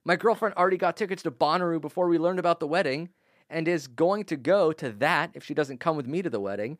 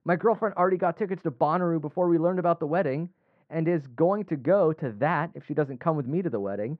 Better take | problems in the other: first | muffled; very; fading above 1.5 kHz

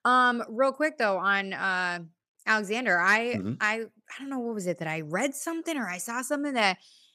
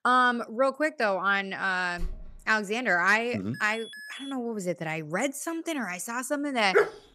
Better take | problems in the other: first | door banging; faint; at 2 s; peak 15 dB below the speech // alarm; faint; at 3.5 s; peak 15 dB below the speech // dog barking; loud; at 6.5 s; peak 2 dB above the speech

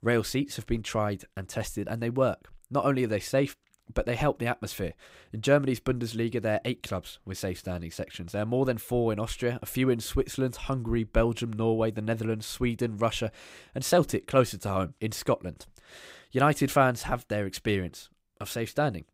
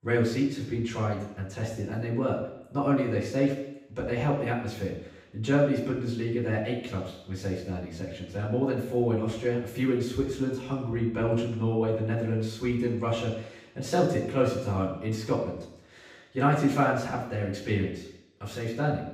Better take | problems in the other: first | room echo; noticeable; dies away in 0.8 s // off-mic speech; far

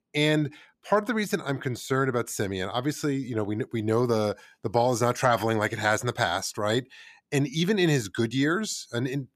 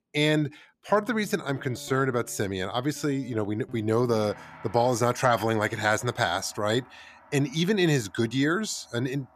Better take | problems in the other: first | background music; faint; throughout; 25 dB below the speech

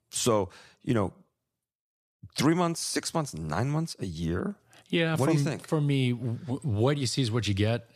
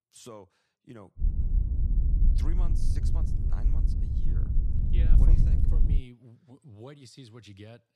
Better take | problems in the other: first | wind noise on the microphone; heavy; from 1 to 6 s; 4 dB above the speech

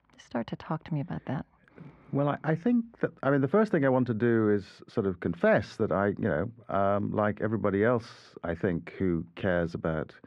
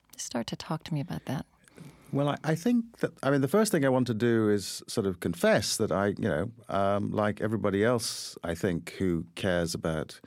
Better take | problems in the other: second | muffled; very; fading above 1.5 kHz

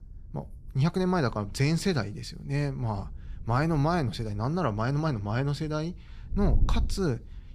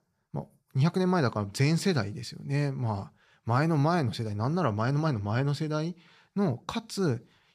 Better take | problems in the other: second | wind noise on the microphone; occasional gusts; 25 dB below the speech

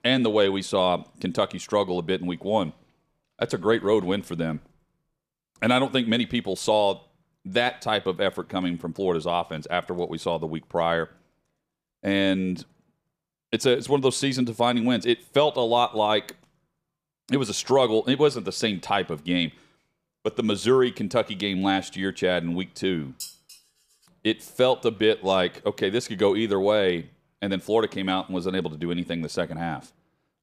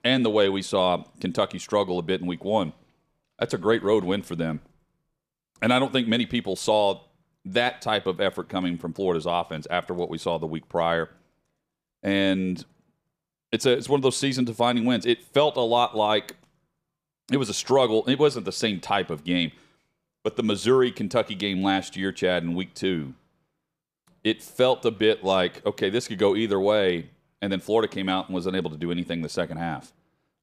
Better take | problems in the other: second | clattering dishes; faint; at 23 s; peak 15 dB below the speech

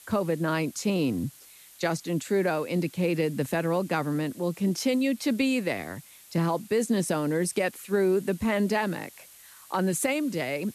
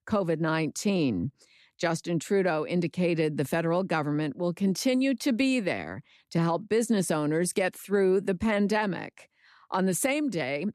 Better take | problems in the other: second | hiss; faint; throughout; 20 dB below the speech

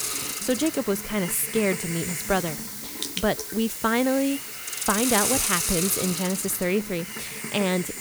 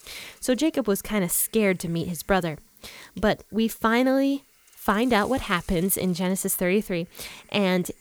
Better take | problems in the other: second | hiss; loud; throughout; 2 dB below the speech; faint in the second

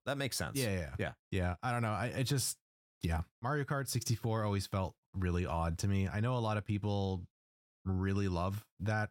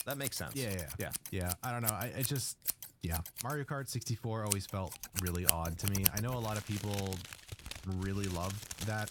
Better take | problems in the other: first | household noises; very loud; throughout; as loud as the speech

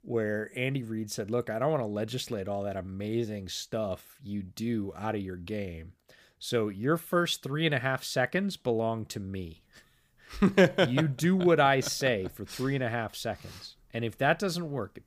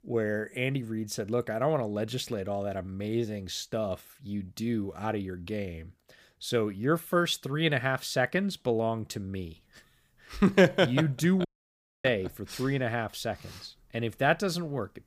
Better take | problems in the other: first | audio cutting out; at 11 s for 0.5 s

